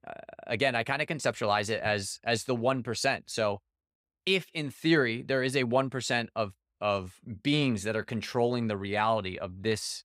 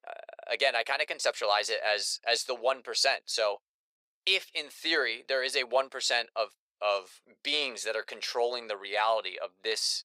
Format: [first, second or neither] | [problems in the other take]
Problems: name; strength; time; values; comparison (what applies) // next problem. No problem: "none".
first | thin; very; fading below 500 Hz